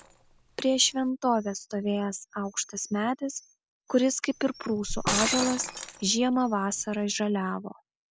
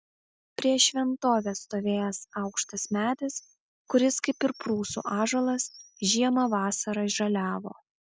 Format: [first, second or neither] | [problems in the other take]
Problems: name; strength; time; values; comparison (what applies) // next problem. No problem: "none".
second | background sound (Shatter); 10 dB below the speech